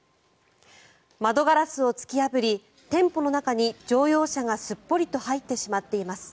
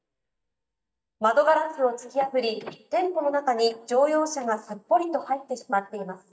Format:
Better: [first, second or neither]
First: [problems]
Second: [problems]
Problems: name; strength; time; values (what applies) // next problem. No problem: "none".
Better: first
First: none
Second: noise reduction (neural mask model DeepFilterNet 3)